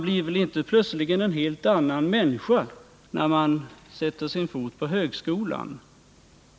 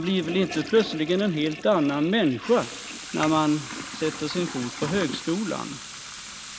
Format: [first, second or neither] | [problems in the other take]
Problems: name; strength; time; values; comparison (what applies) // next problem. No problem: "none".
first | background sound (Toilet flush / Water tap, faucet); 11 dB below the speech